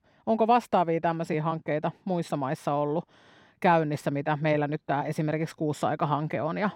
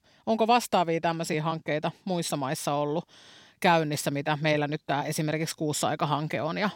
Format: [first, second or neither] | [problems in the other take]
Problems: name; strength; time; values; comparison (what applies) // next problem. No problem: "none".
second | muffled; slightly; fading above 2.5 kHz